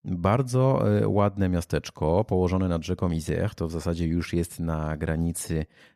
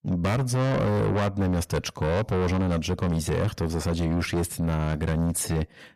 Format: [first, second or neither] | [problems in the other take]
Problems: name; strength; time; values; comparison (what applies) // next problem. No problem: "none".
first | distortion; heavy; 6 dB below the speech